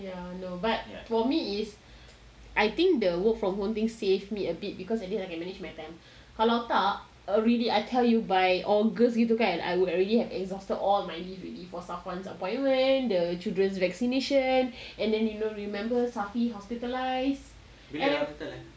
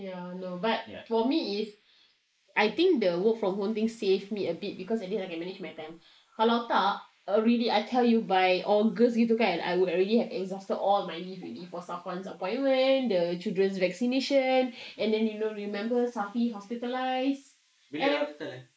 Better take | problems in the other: first | noise reduction (neural mask model Resemble Enhance denoiser)

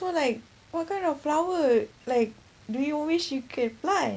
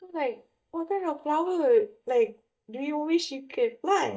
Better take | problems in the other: first | noise reduction (neural mask model DeepFilterNet 3)

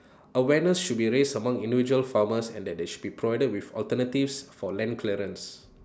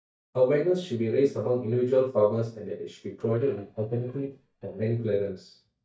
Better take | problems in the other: first | noise reduction (neural mask model DeepFilterNet 3)

